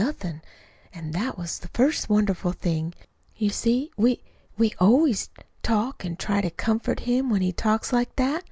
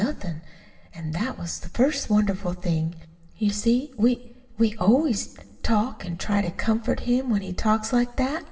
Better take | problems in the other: first | room echo; dies away in 0.7 s

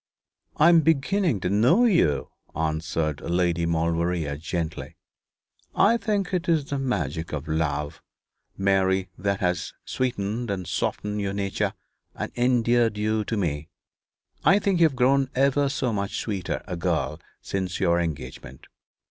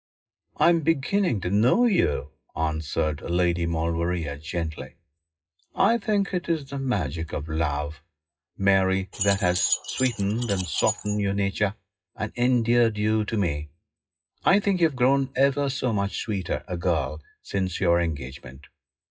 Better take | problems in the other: first | noise reduction (classical method WPE with log-MMSE)

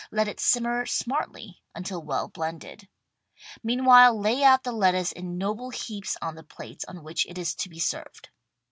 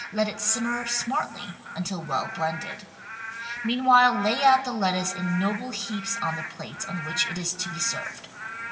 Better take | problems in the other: first | background sound (Rain / Frog); 10 dB below the speech // room echo; dies away in 1.9 s

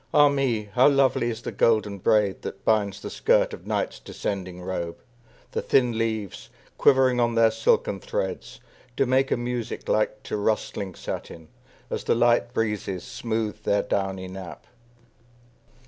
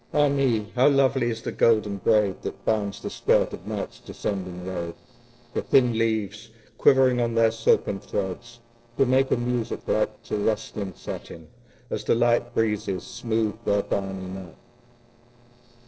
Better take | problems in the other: first | noise reduction (neural separator model SepFormer DNS4)

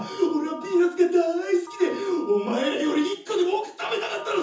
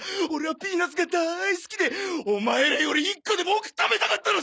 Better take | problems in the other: second | background sound (Telephone); 18 dB below the speech // room echo; dies away in 0.6 s

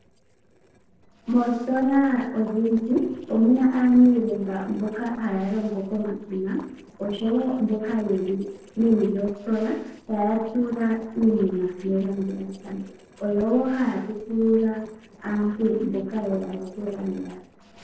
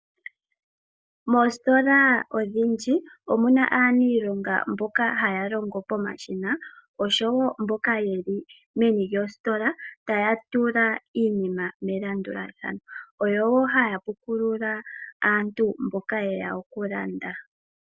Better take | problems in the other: second | noise reduction (neural separator model SepFormer DNS4)

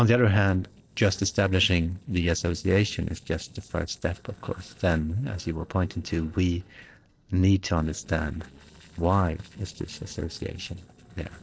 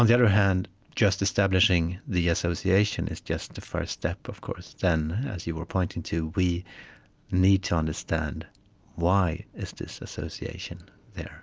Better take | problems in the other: second | noise reduction (neural separator model SepFormer DNS4)

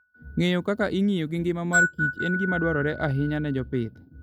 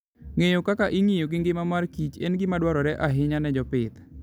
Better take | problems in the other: second | noise reduction (neural mask model RNNoise)

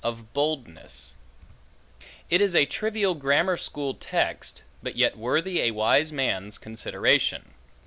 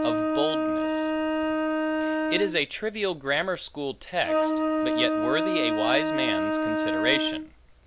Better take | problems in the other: first | background sound (Wind instrument, woodwind instrument); 3 dB above the speech

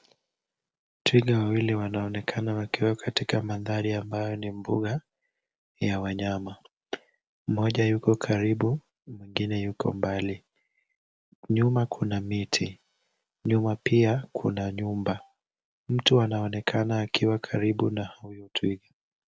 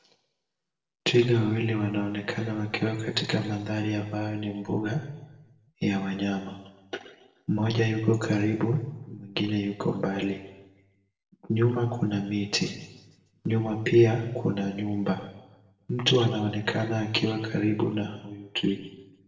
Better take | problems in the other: first | room echo; dies away in 0.9 s

